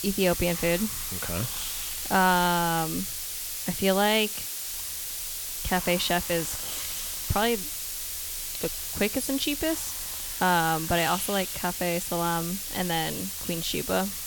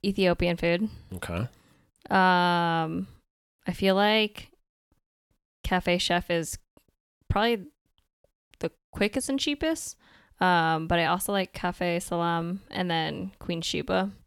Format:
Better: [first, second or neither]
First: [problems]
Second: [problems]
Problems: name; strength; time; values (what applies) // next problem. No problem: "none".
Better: second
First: hiss; loud; throughout; 4 dB below the speech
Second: none